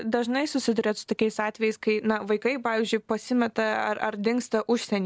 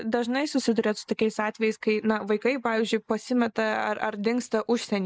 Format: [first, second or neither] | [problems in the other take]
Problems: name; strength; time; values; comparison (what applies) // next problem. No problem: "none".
first | noise reduction (neural mask model Resemble Enhance denoiser)